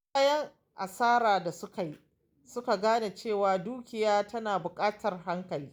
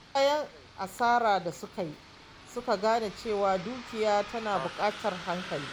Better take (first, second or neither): first